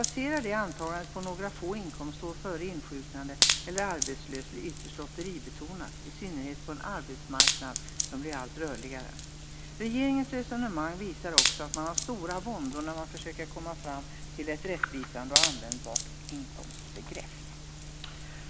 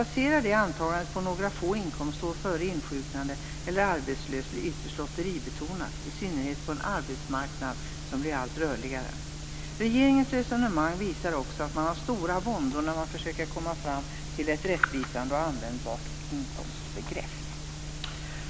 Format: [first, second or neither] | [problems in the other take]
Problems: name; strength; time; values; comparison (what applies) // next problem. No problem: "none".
second | background sound (Wood); as loud as the speech